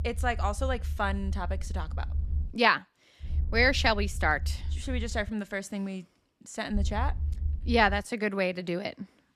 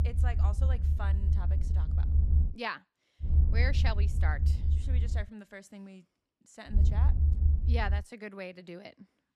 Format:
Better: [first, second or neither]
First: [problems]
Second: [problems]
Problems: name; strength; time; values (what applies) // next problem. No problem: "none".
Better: first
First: low rumble; faint; until 2.5 s, from 3.5 to 5 s and from 6.5 to 8 s; 25 dB below the speech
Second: low rumble; loud; until 2.5 s, from 3.5 to 5 s and from 6.5 to 8 s; 6 dB below the speech